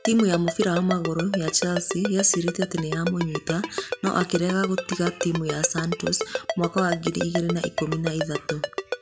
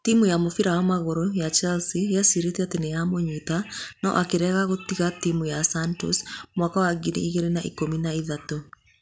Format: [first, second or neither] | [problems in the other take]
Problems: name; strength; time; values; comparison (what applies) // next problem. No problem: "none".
second | background sound (Ringtone); 6 dB below the speech